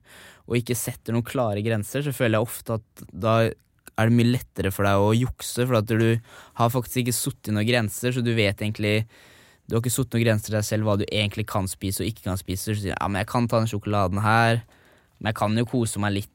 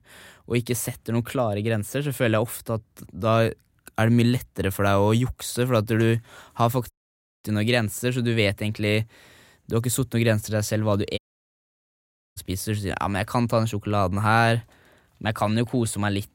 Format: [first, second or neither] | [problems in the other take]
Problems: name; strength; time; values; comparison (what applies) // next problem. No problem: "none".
first | audio cutting out; at 7 s for 0.5 s and at 11 s for 1 s